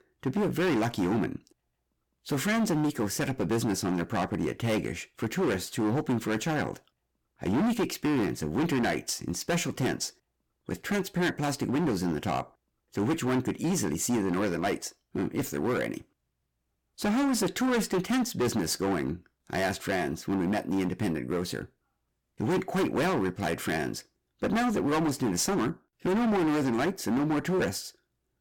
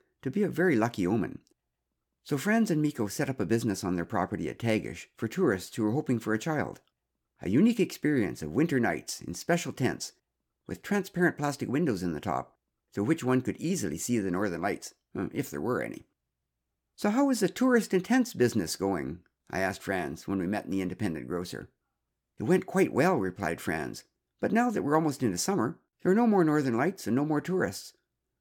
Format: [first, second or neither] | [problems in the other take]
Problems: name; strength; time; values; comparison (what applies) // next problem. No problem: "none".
second | distortion; heavy; 17% of the sound clipped